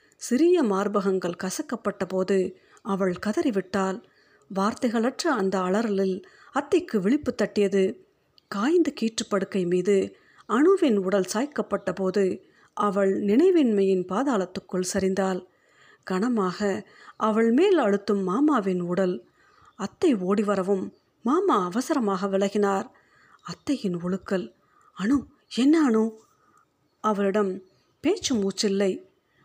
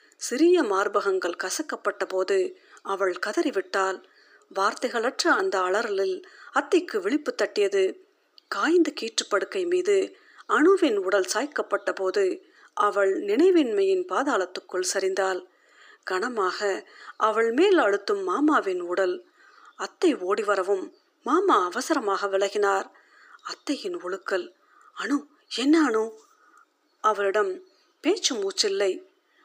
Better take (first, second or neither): first